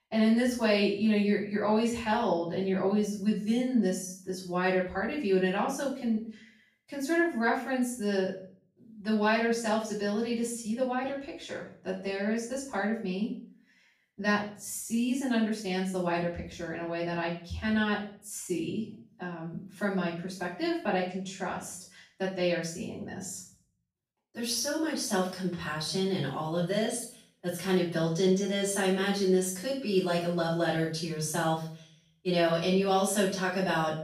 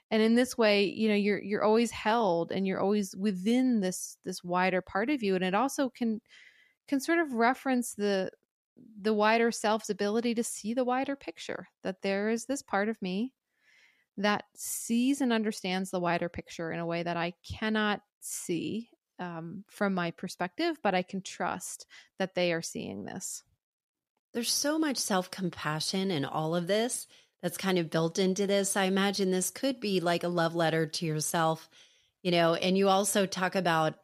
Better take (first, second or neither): second